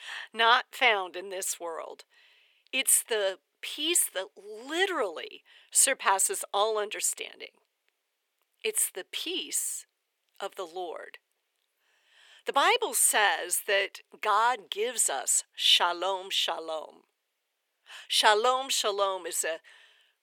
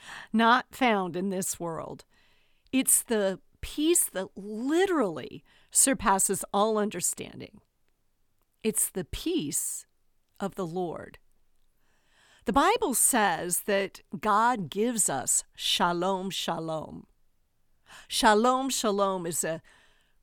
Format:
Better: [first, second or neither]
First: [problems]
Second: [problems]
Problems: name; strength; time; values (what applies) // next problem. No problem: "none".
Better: second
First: thin; very; fading below 450 Hz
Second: none